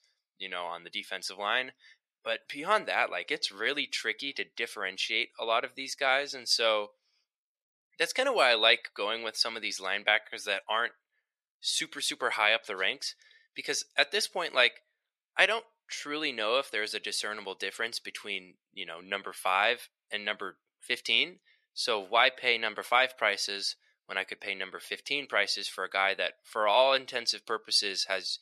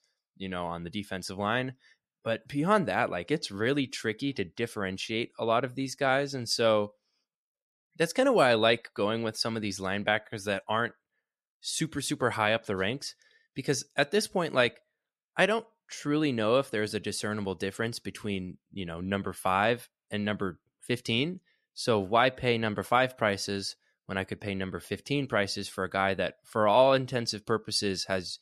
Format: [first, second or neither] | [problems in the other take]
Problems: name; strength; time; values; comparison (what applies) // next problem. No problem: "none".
second | thin; somewhat; fading below 550 Hz